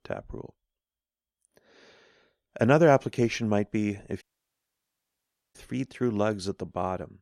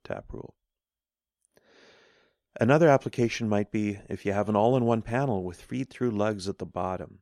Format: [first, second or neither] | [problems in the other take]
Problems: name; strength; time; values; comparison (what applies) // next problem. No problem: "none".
second | audio cutting out; at 4 s for 1.5 s